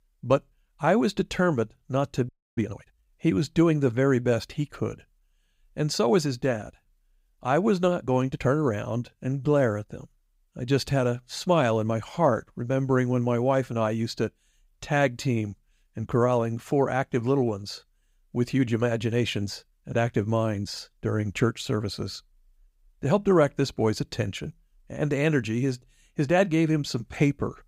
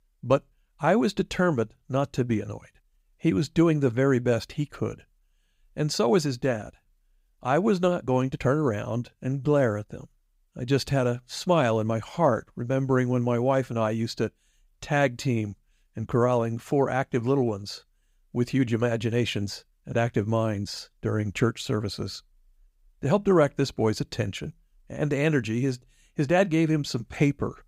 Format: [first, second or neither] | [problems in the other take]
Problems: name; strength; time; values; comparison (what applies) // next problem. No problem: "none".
second | audio freezing; at 2.5 s